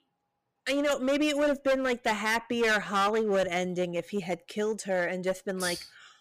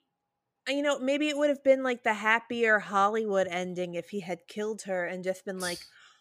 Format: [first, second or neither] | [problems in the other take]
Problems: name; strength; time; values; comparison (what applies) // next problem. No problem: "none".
second | distortion; heavy; 11% of the sound clipped